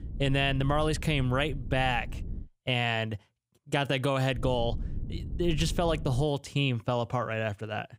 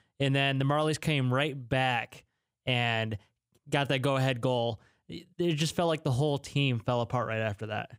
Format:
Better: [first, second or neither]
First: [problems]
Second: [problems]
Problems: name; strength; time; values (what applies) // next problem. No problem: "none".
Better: second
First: low rumble; faint; until 2.5 s and from 4.5 to 6 s; 20 dB below the speech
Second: none